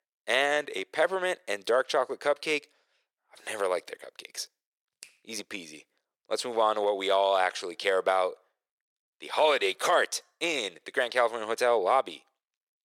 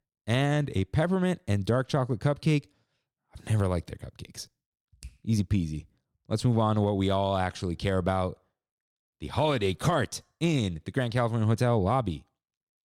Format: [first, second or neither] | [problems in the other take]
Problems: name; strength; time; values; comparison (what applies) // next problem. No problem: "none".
second | thin; very; fading below 450 Hz